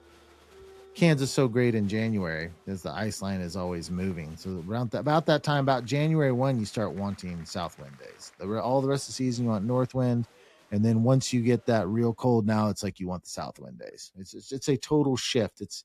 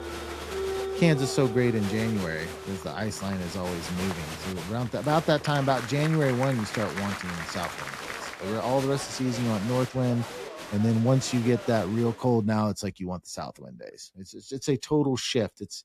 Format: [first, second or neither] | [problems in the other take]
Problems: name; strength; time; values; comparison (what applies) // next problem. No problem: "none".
first | crowd noise; loud; until 12 s; 9 dB below the speech; faint in the first